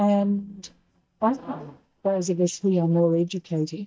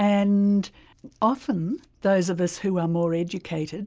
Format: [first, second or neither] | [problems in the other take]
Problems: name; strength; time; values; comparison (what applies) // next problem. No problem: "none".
second | noise reduction (neural mask model DeepFilterNet 3)